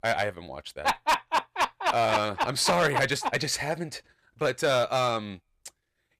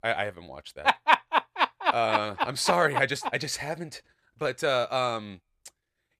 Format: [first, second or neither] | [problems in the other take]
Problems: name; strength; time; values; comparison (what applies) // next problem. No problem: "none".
second | distortion; heavy; 5% of the sound clipped